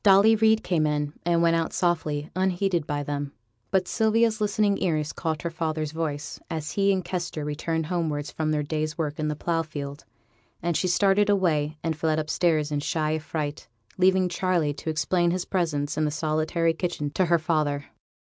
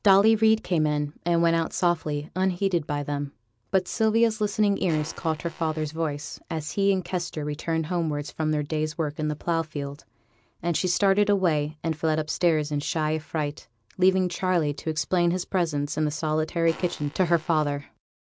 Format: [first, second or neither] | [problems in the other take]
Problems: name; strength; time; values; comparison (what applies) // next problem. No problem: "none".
first | background sound (Fart); 20 dB below the speech